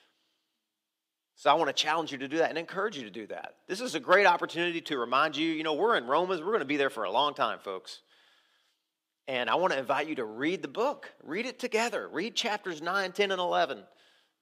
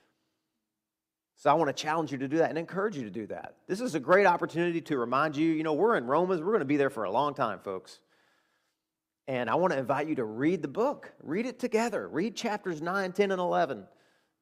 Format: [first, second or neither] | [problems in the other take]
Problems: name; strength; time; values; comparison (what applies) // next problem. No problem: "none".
second | thin; very slightly; fading below 500 Hz